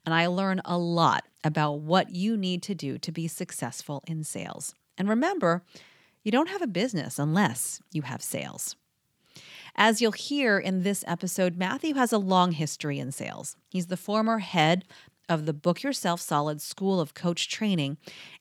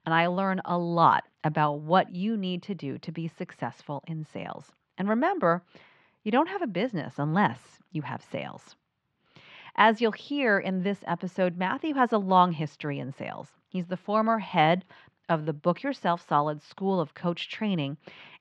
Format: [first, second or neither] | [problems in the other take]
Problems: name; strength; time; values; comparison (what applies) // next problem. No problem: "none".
first | muffled; very; fading above 3 kHz